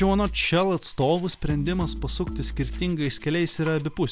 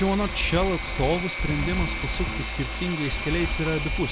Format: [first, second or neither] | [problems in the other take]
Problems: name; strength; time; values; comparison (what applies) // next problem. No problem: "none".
first | background sound (Wind + Engine / Mechanisms); 3 dB below the speech